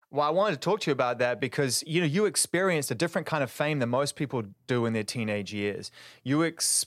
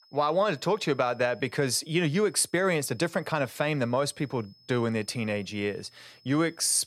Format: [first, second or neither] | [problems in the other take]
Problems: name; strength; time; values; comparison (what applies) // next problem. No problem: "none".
first | high-pitched whine; faint; throughout; 5 kHz, 30 dB below the speech